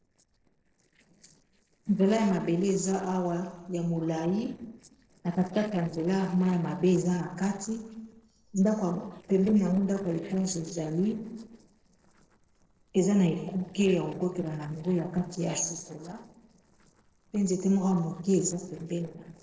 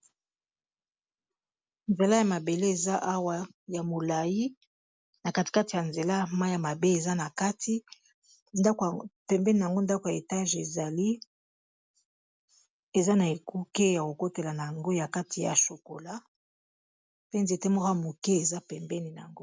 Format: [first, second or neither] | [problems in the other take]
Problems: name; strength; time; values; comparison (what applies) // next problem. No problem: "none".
second | noise reduction (neural separator model SepFormer DNS4)